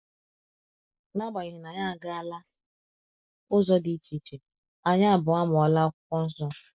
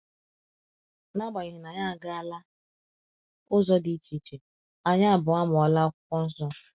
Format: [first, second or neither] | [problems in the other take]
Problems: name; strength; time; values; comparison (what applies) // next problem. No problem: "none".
second | noise reduction (neural mask model Resemble Enhance denoiser)